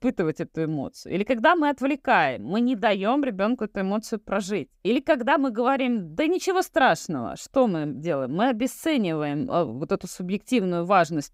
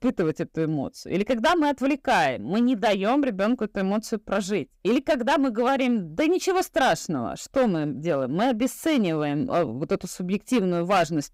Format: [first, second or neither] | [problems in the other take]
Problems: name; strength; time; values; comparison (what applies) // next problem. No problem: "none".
first | distortion; slight; 6% of the sound clipped